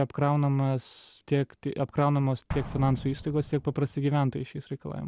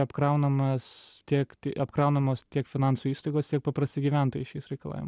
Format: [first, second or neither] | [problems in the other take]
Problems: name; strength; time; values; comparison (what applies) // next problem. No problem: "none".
second | background sound (Explosion); 16 dB below the speech